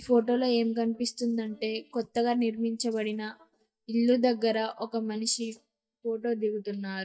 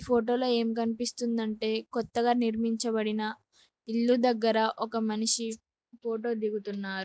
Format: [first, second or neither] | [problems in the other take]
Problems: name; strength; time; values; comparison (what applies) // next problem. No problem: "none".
second | noise reduction (neural mask model DeepFilterNet 3)